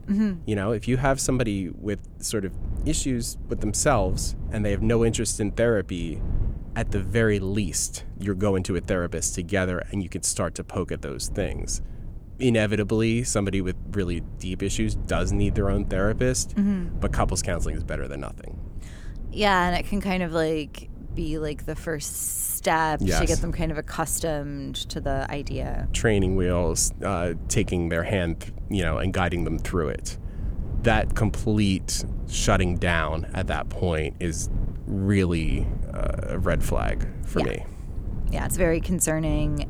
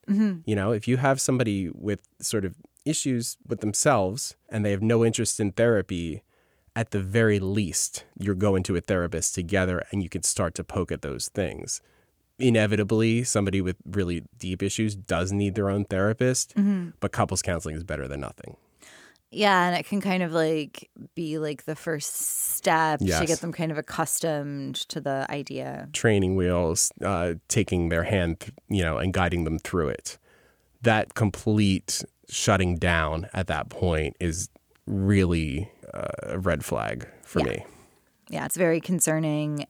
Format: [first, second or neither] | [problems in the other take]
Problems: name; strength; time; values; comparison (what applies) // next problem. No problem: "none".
second | wind noise on the microphone; occasional gusts; 20 dB below the speech